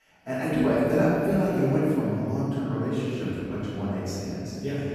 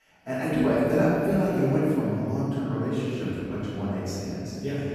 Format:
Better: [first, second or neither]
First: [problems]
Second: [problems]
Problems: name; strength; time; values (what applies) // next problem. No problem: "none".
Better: neither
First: room echo; strong; dies away in 2.9 s // off-mic speech; far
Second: room echo; strong; dies away in 2.9 s // off-mic speech; far